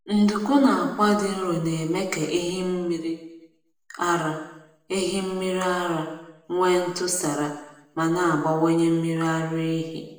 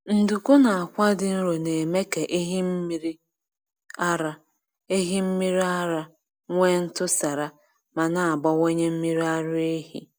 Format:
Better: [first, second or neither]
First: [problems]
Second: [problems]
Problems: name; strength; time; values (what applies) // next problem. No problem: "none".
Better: second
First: room echo; dies away in 0.9 s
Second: none